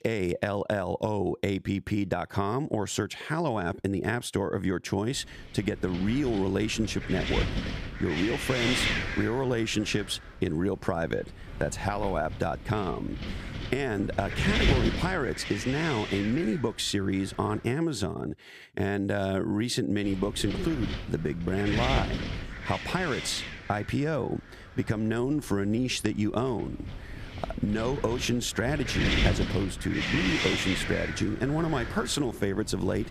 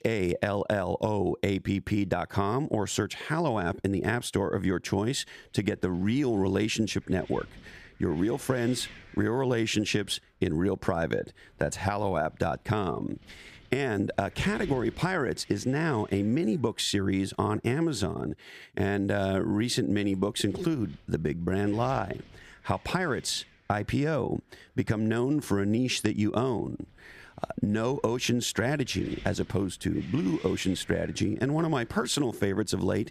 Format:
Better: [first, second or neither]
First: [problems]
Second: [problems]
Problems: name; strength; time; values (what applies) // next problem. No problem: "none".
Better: second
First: wind noise on the microphone; heavy; from 5 to 18 s and from 20 s on; 1 dB below the speech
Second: wind noise on the microphone; occasional gusts; from 5 to 18 s and from 20 s on; 20 dB below the speech